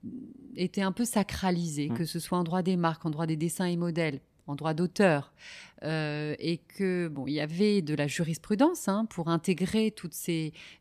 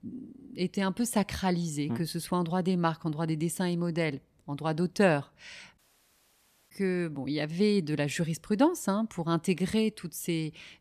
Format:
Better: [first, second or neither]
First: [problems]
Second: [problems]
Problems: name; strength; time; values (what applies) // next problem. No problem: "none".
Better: first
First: none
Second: audio cutting out; at 6 s for 1 s